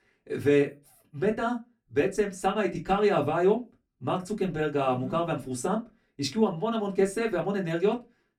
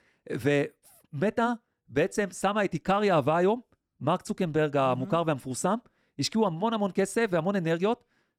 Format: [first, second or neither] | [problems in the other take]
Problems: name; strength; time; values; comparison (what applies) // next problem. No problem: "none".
second | off-mic speech; far // room echo; very slight; dies away in 0.2 s